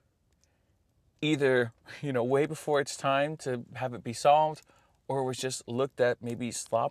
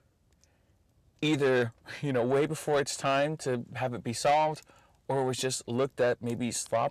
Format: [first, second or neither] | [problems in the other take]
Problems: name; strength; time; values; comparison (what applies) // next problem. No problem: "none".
first | distortion; slight; 10 dB below the speech